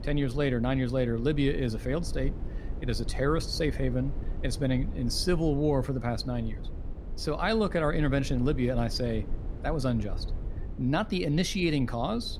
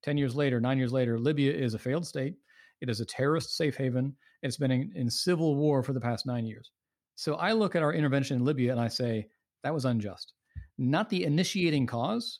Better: second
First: low rumble; noticeable; throughout; 20 dB below the speech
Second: none

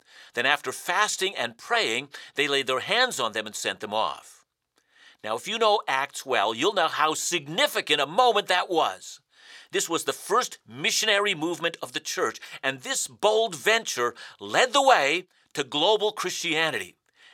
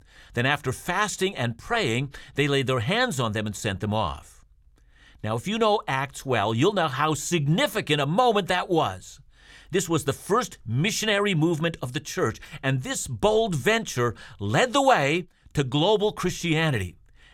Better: second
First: thin; somewhat; fading below 450 Hz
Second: none

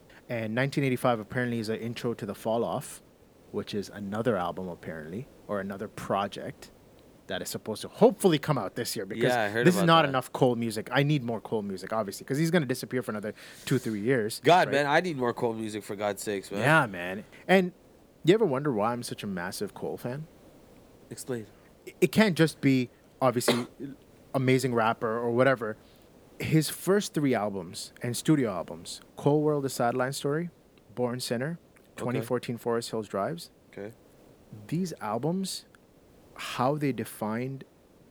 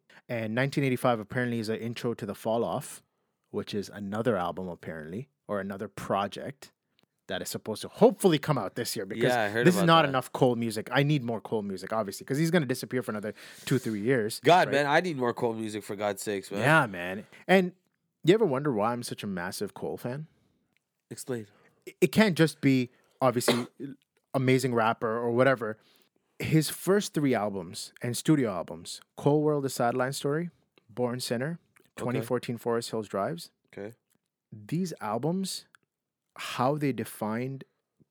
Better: second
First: hiss; faint; throughout; 30 dB below the speech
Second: none

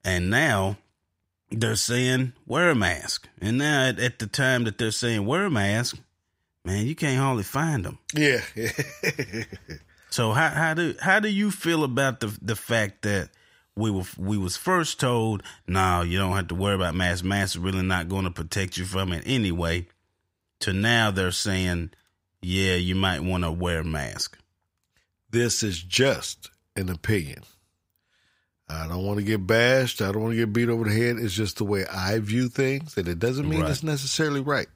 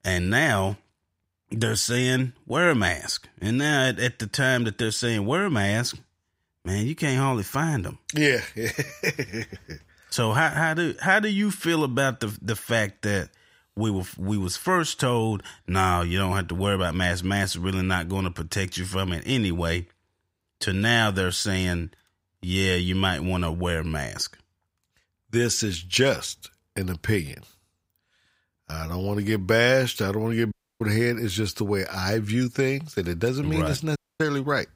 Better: first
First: none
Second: audio cutting out; at 31 s and at 34 s

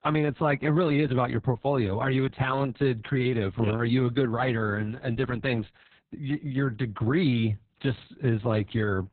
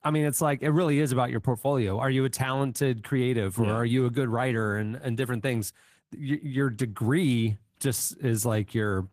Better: second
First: garbled, watery; badly; nothing above 4 kHz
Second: garbled, watery; slightly; nothing above 14.5 kHz

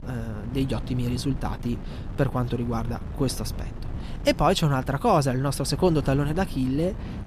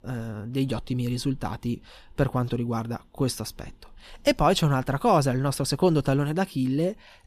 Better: second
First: wind noise on the microphone; occasional gusts; 20 dB below the speech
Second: none

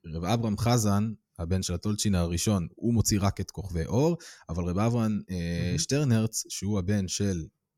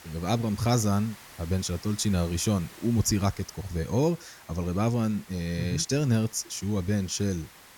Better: first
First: none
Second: hiss; noticeable; throughout; 20 dB below the speech

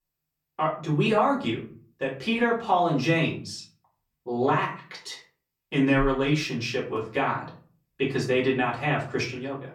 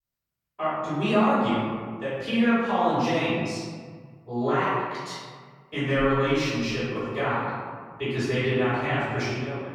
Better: first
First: room echo; slight; dies away in 0.4 s // off-mic speech; far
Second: room echo; strong; dies away in 1.7 s // off-mic speech; far

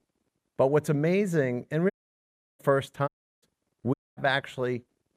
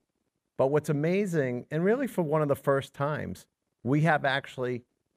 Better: second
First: audio cutting out; at 2 s for 0.5 s, at 3 s and at 4 s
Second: none

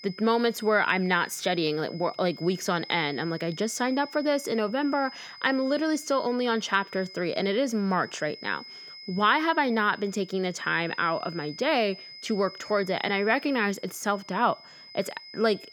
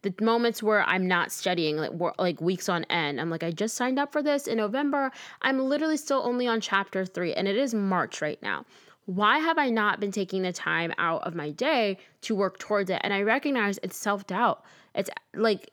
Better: second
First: high-pitched whine; noticeable; throughout; 5 kHz, 15 dB below the speech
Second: none

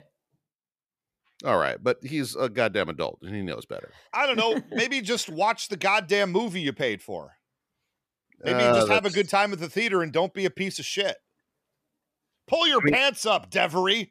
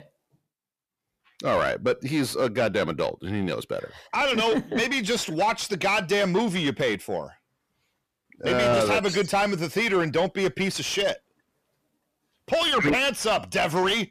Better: first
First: none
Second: distortion; heavy; 8 dB below the speech

